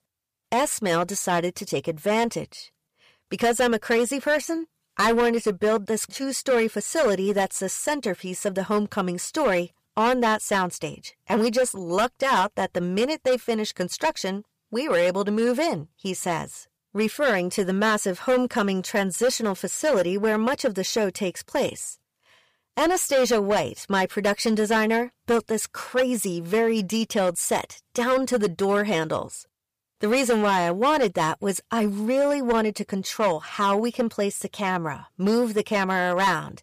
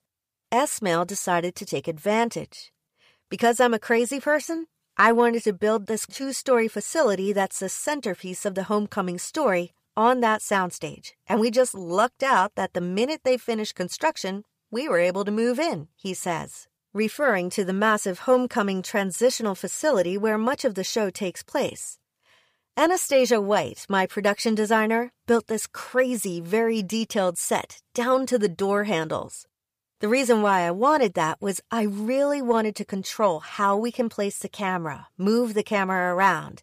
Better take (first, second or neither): second